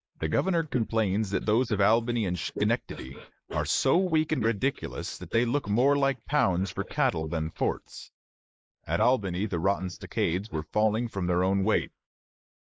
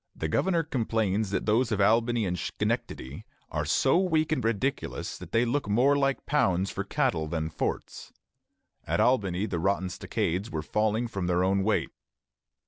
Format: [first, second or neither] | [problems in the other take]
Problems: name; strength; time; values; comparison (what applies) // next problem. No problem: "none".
second | noise reduction (neural mask model Resemble Enhance denoiser)